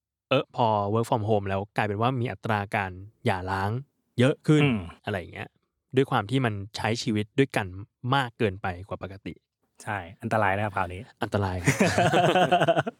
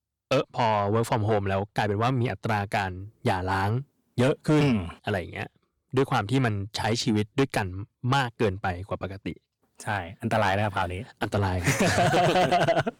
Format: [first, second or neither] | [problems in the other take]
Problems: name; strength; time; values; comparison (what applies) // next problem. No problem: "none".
first | distortion; heavy; 8 dB below the speech